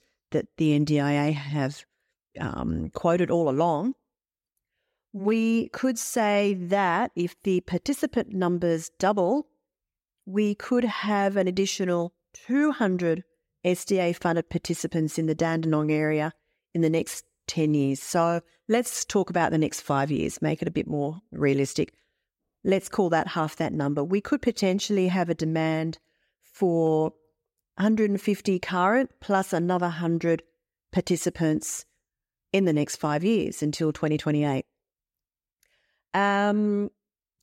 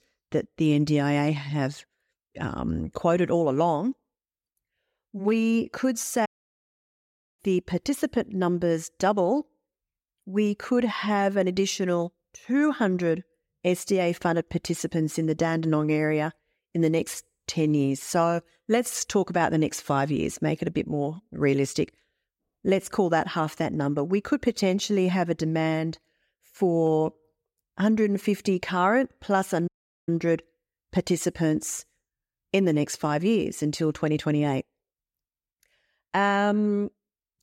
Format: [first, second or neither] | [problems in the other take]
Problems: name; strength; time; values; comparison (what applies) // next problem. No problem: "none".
first | audio cutting out; at 6.5 s for 1 s and at 30 s